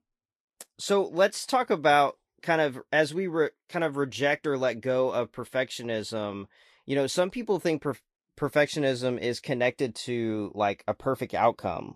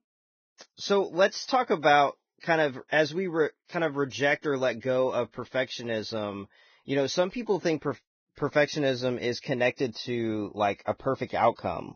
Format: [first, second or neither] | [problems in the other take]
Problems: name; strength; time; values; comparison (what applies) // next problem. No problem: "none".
first | garbled, watery; badly; nothing above 6.5 kHz; slightly in the first